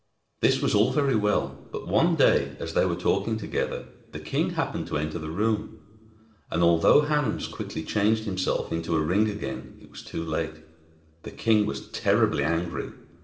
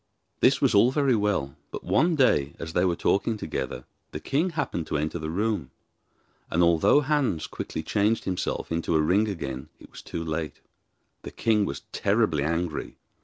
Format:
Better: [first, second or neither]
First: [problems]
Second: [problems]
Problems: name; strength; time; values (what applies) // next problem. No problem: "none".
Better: second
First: room echo; dies away in 1.9 s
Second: none